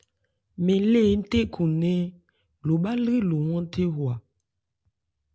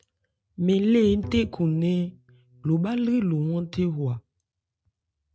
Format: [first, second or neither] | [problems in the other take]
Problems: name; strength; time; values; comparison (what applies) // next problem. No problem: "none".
first | noise reduction (neural mask model RNNoise)